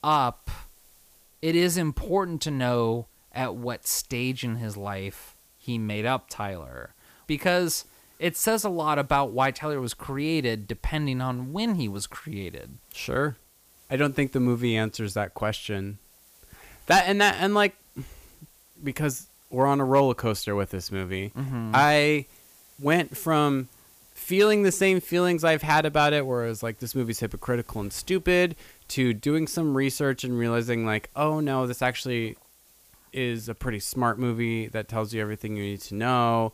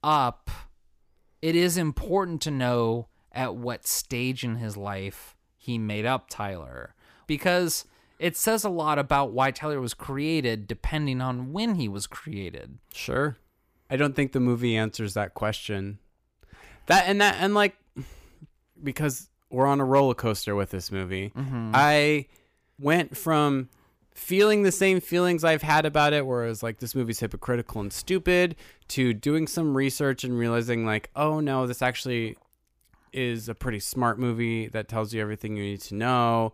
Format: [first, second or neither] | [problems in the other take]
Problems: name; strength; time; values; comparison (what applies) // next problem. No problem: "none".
second | hiss; faint; throughout; 30 dB below the speech